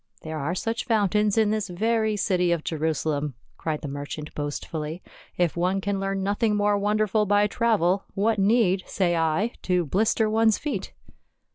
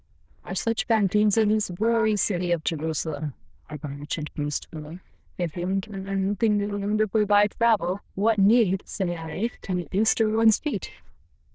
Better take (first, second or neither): first